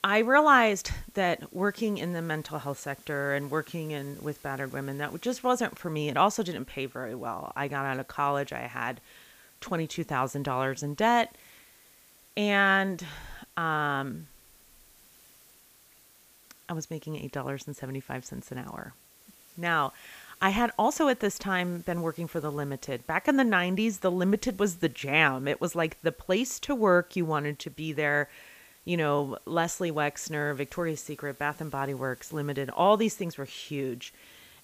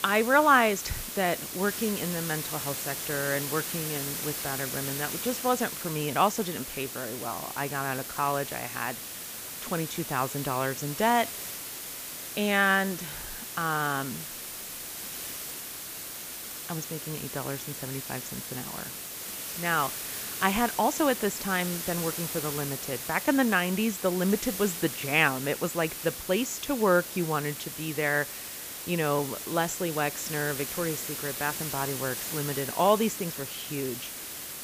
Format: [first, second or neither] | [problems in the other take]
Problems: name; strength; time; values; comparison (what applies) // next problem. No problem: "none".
first | hiss; loud; throughout; 5 dB below the speech; faint in the first